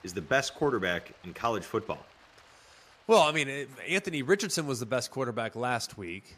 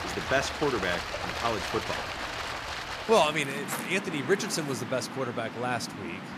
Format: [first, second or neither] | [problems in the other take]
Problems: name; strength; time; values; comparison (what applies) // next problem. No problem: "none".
first | rain or running water; loud; throughout; 5 dB below the speech; faint in the first